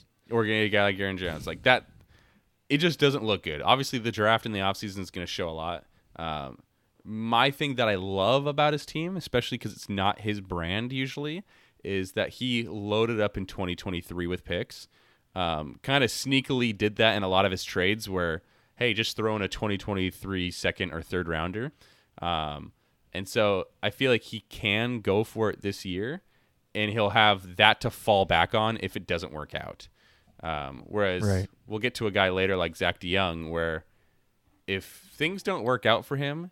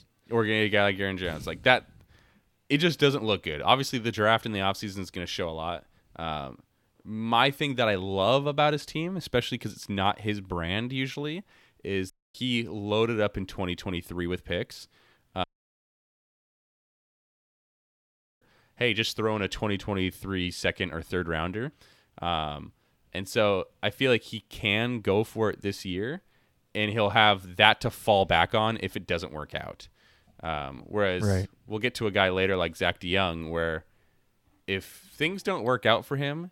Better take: first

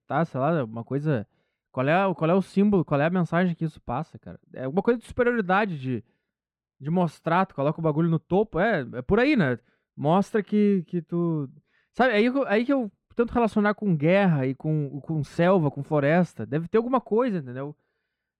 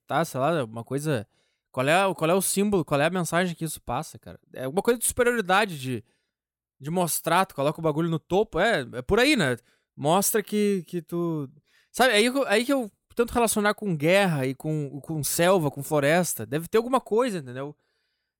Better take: second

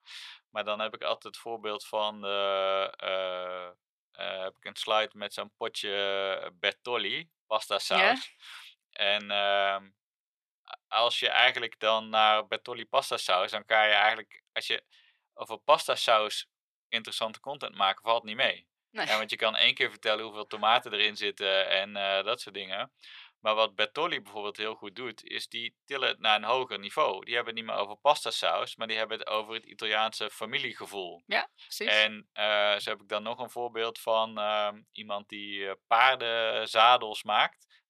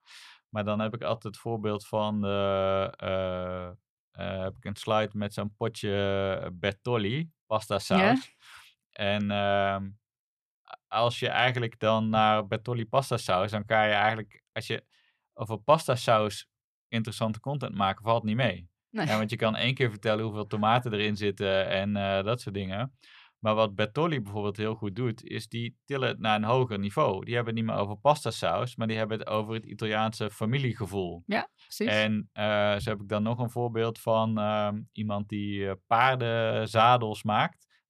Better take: second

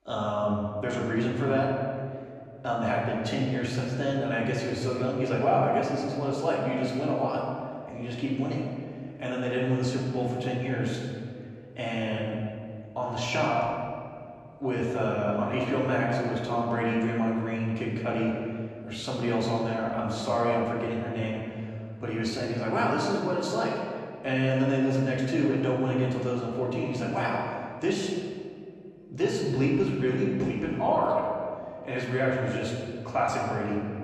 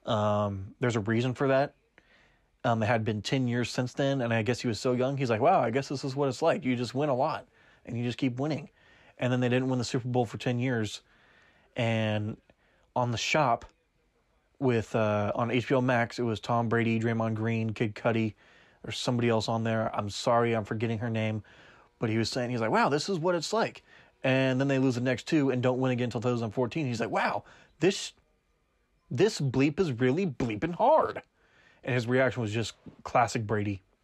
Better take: second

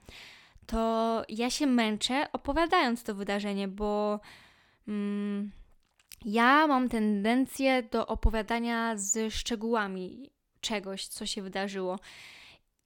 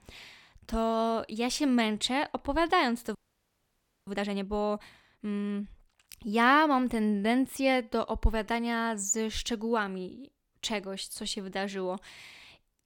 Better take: first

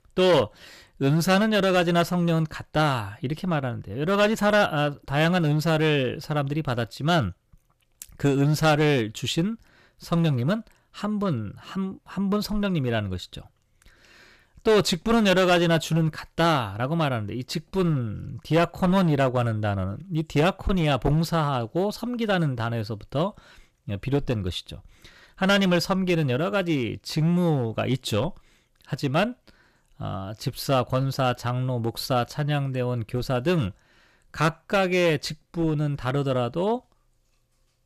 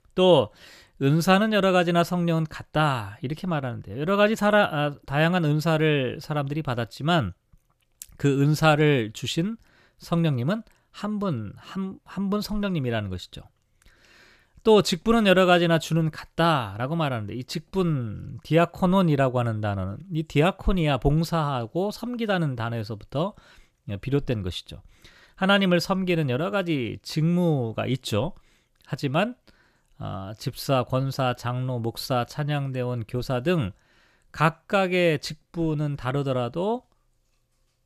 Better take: second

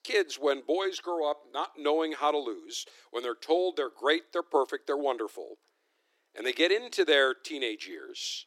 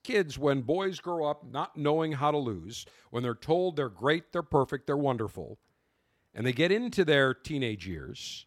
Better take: second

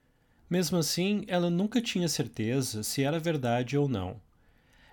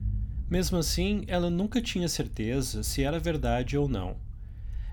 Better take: first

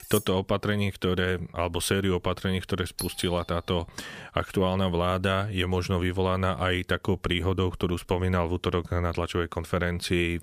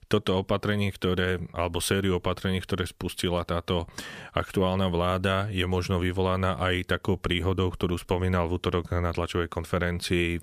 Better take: second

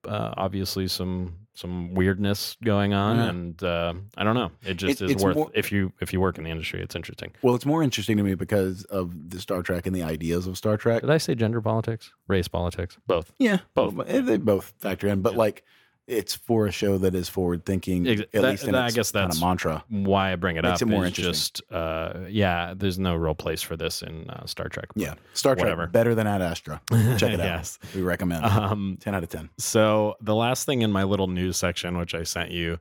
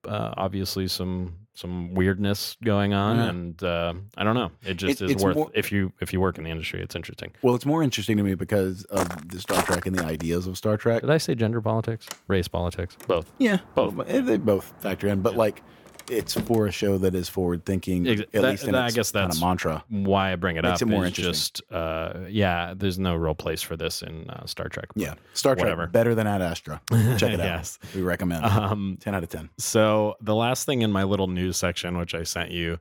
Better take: first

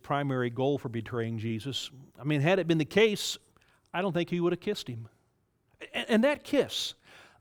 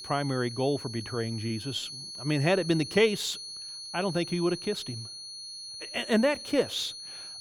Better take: first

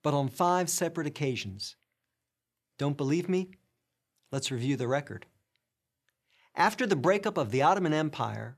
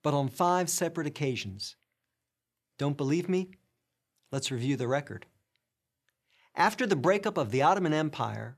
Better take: neither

